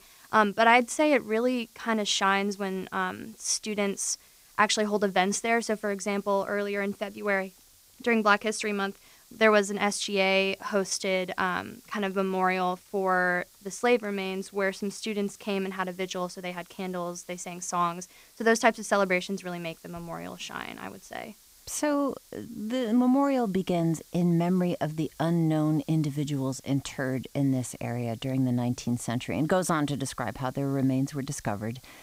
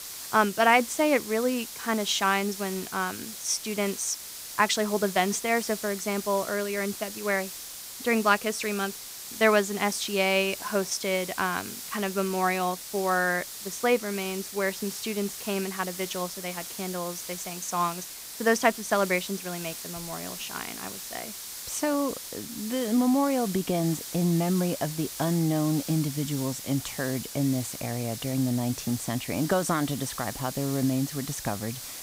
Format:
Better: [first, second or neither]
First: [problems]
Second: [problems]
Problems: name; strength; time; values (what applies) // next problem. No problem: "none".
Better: first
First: hiss; faint; throughout; 25 dB below the speech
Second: hiss; loud; throughout; 9 dB below the speech